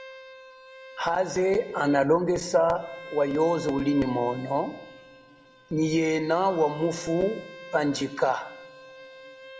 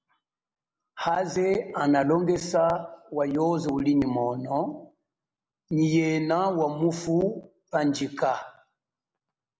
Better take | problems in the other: second | background sound (Bowed string instrument); 18 dB below the speech // room echo; dies away in 0.4 s

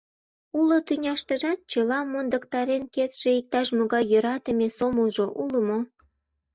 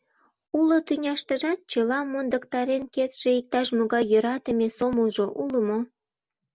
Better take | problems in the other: second | noise reduction (neural mask model DeepFilterNet 3)

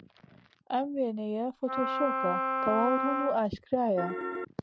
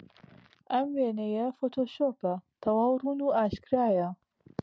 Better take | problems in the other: second | background sound (Piano + Wind instrument, woodwind instrument); 1 dB below the speech

